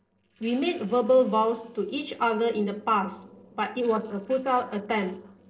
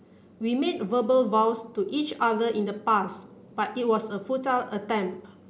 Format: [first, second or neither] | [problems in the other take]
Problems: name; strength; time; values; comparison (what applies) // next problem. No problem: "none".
second | noise reduction (neural separator model SepFormer DNS4)